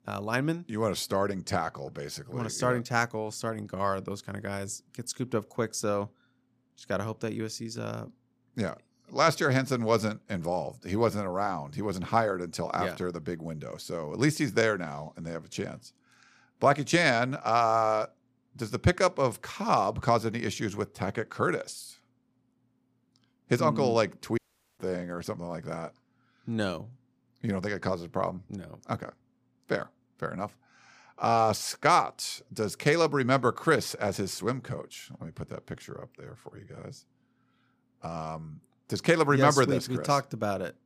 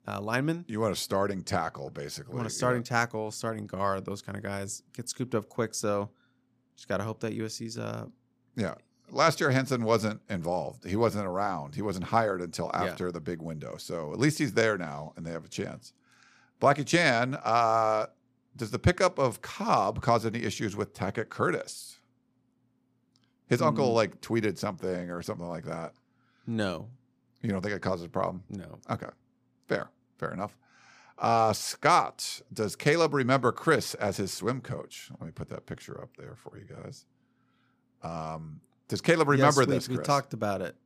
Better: second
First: audio cutting out; at 24 s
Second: none

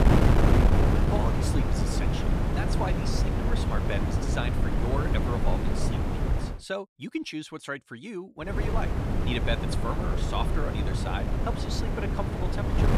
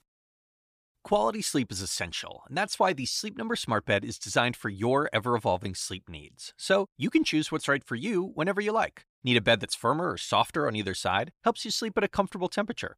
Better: second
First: wind noise on the microphone; heavy; until 6.5 s and from 8.5 s on; 2 dB above the speech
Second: none

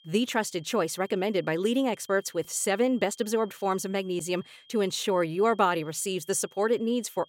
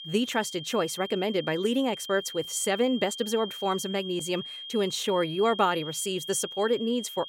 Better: first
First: high-pitched whine; faint; throughout; 3 kHz, 30 dB below the speech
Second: high-pitched whine; loud; throughout; 3 kHz, 10 dB below the speech

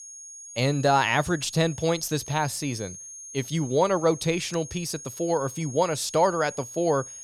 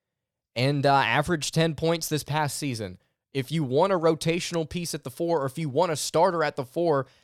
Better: second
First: high-pitched whine; noticeable; throughout; 6.5 kHz, 15 dB below the speech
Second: none

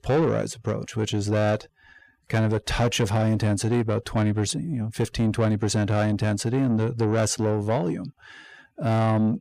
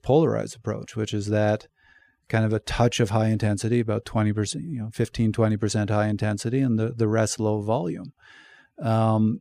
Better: second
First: distortion; slight; 10 dB below the speech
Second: none

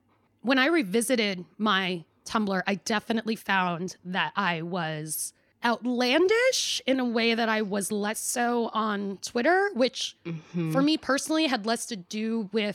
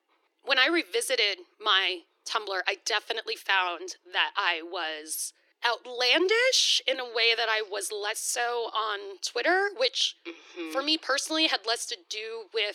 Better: first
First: none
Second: thin; very; fading below 300 Hz

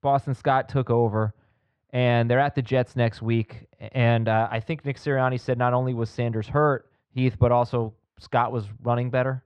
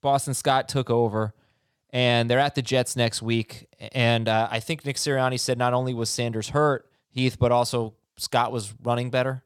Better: second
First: muffled; very; fading above 2 kHz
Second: none

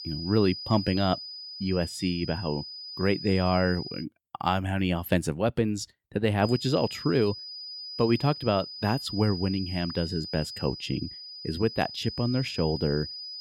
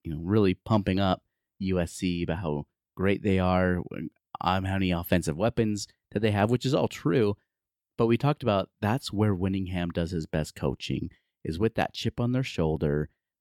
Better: second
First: high-pitched whine; loud; until 4 s and from 6.5 s on; 5 kHz, 9 dB below the speech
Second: none

